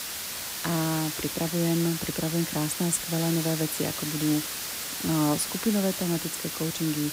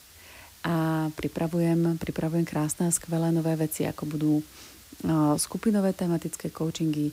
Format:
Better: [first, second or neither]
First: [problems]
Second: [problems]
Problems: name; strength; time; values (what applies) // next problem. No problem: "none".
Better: second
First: hiss; loud; throughout; 3 dB below the speech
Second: hiss; faint; throughout; 20 dB below the speech